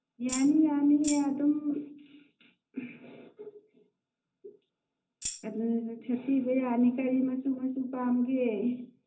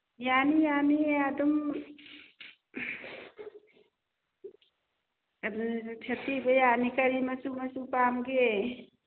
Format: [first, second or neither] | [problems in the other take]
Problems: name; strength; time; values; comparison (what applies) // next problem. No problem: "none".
second | background sound (Tambourine); 10 dB below the speech // room echo; dies away in 0.3 s